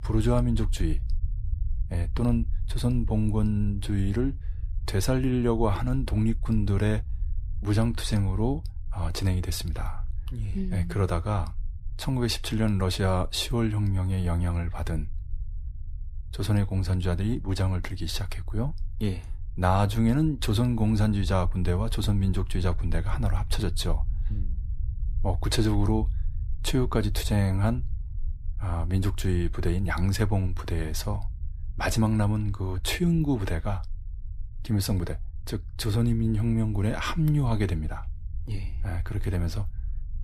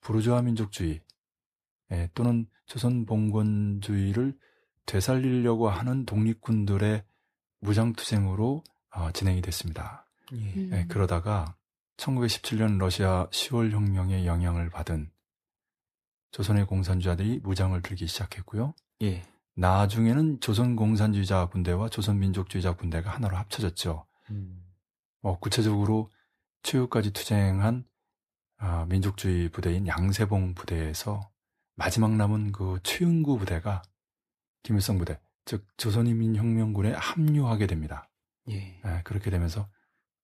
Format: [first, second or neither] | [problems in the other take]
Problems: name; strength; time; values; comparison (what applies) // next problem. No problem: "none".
second | low rumble; faint; throughout; 25 dB below the speech